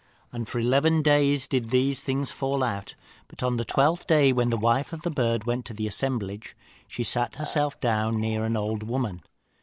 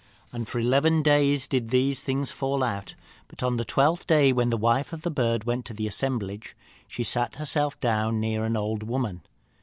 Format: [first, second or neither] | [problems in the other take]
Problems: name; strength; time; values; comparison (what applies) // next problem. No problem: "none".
second | noise reduction (neural mask model Resemble Enhance denoiser)